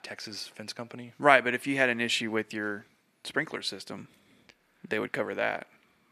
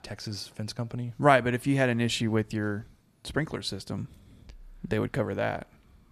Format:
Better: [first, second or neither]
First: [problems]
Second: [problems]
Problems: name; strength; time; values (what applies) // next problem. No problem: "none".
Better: second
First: thin; somewhat; fading below 250 Hz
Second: none